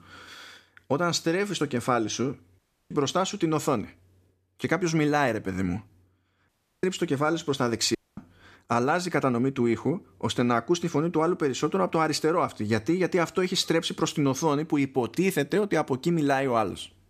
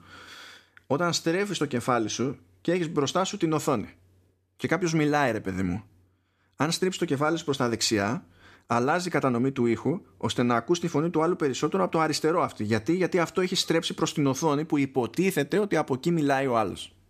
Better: second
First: audio cutting out; at 2.5 s, at 6.5 s and at 8 s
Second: none

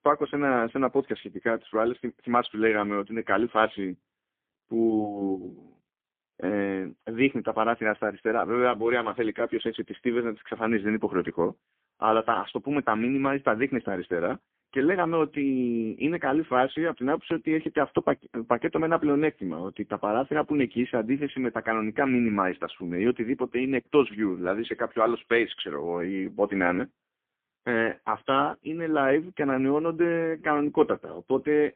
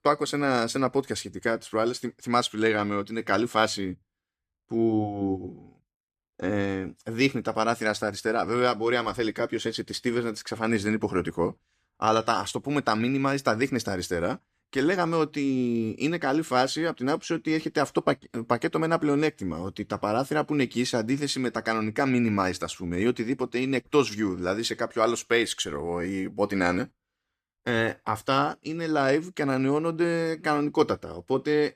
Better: second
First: phone-call audio; poor line; nothing above 3.5 kHz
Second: none

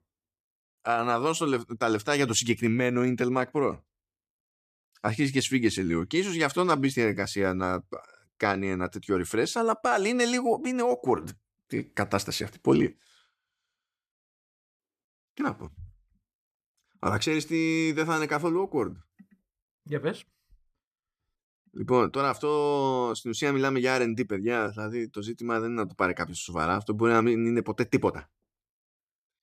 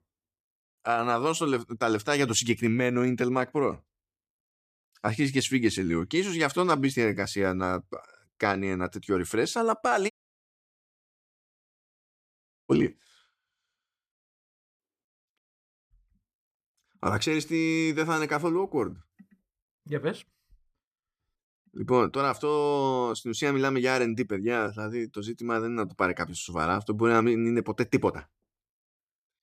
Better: first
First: none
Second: audio cutting out; at 10 s for 2.5 s and at 15 s for 0.5 s

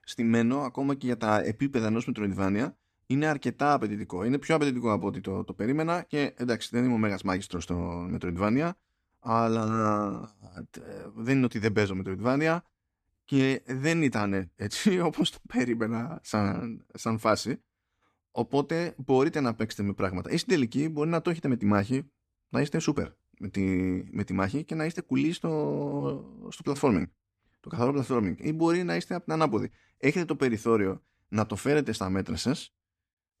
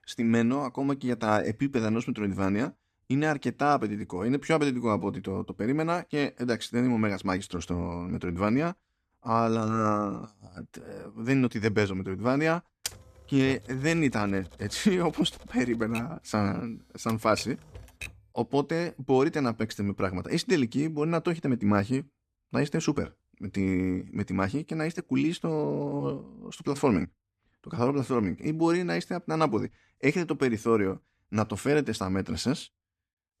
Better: first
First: none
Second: keyboard typing; noticeable; from 13 to 18 s; peak 9 dB below the speech

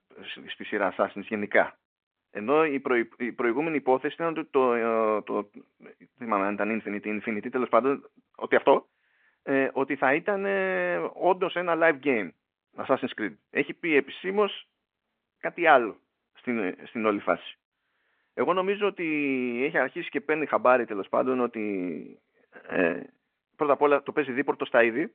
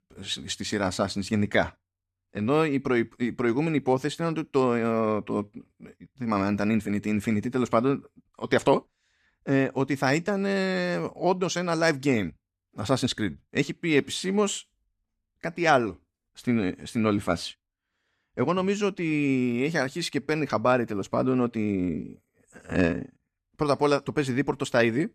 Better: second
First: phone-call audio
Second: none

